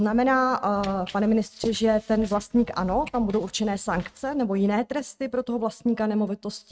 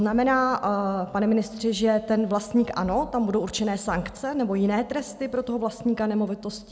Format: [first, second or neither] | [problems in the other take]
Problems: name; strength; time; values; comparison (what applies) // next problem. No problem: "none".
second | noise reduction (neural mask model RNNoise)